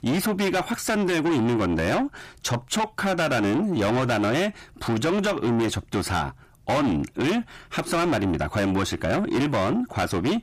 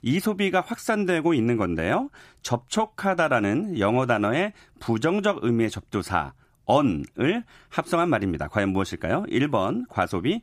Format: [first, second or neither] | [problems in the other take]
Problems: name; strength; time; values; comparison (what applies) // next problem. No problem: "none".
second | distortion; heavy; 6 dB below the speech